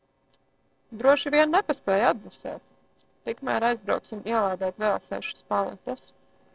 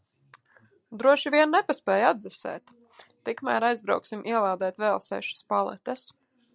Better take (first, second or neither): second